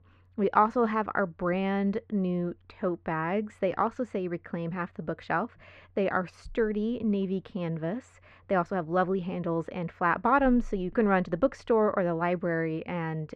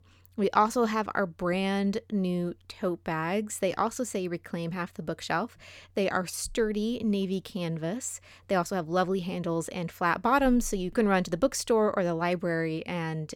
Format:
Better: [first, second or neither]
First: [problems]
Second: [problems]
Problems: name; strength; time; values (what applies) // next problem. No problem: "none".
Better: second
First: muffled; very; fading above 1.5 kHz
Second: none